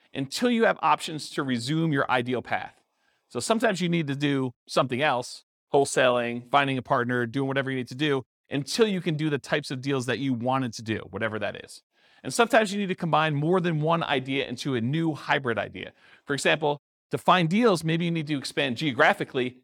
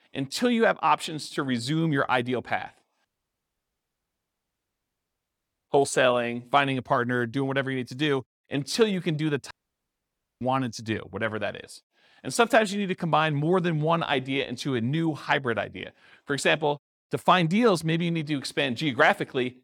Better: first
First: none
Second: audio cutting out; at 3 s for 2.5 s and at 9.5 s for 1 s

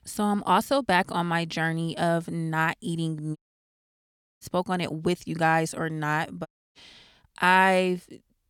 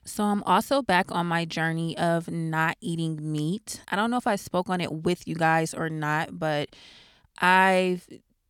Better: second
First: audio cutting out; at 3.5 s for 1 s and at 6.5 s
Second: none

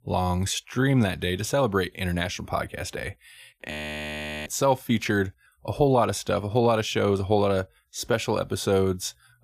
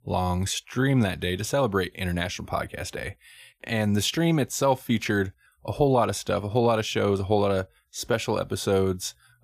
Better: second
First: audio freezing; at 3.5 s for 1 s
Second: none

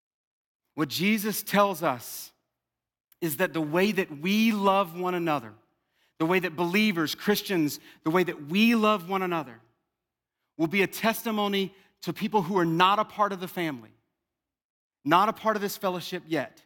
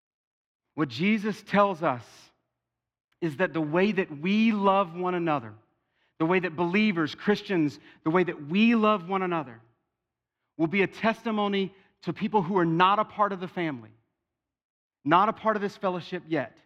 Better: first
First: none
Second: muffled; slightly; fading above 3 kHz

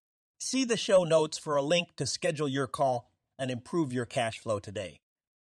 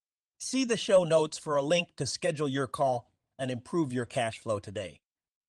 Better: first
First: none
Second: garbled, watery; slightly

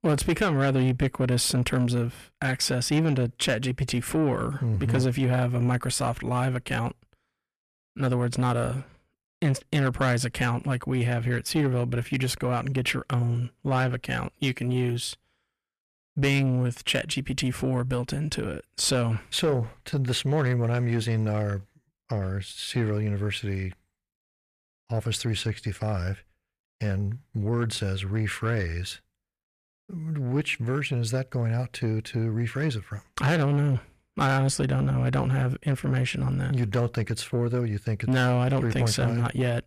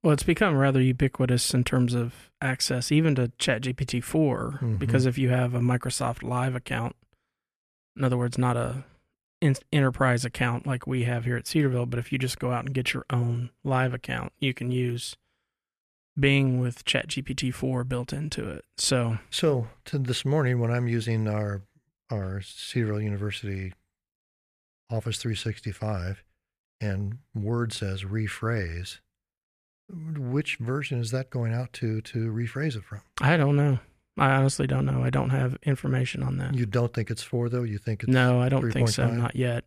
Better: second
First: distortion; slight; 10 dB below the speech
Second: none

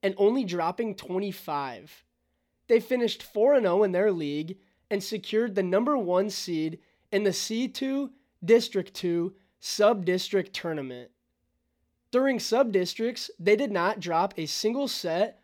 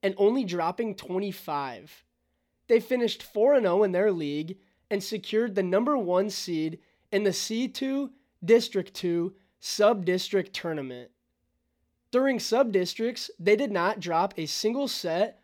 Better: neither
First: none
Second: none

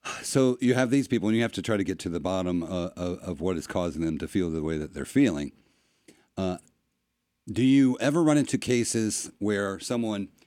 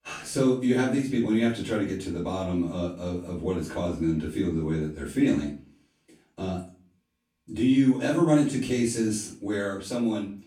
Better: first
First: none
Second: off-mic speech; far // room echo; slight; dies away in 0.3 s

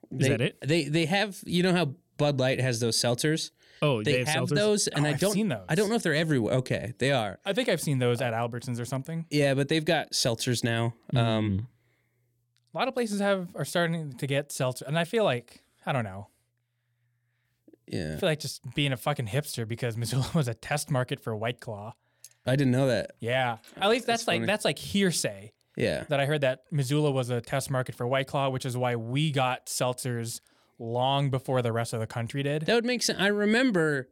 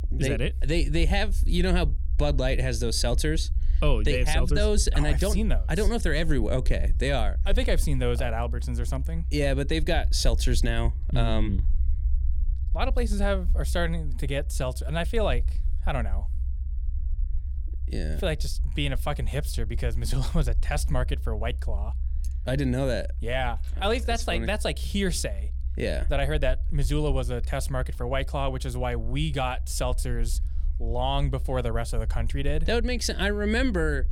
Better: first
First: none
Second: low rumble; faint; throughout; 20 dB below the speech

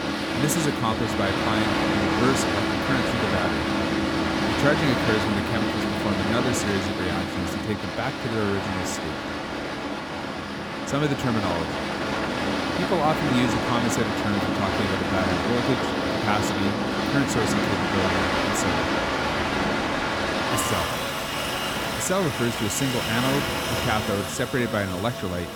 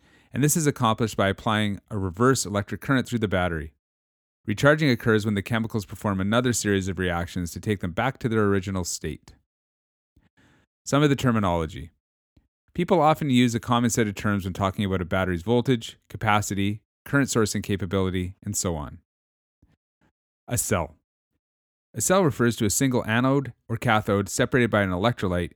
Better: second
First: train or aircraft noise; very loud; throughout; 2 dB above the speech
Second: none

